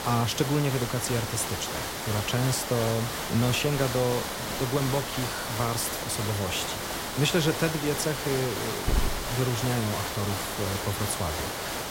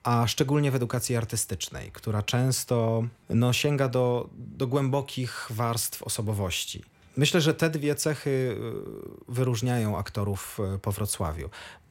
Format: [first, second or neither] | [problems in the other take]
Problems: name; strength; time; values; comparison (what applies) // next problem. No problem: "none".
second | hiss; loud; throughout; 2 dB below the speech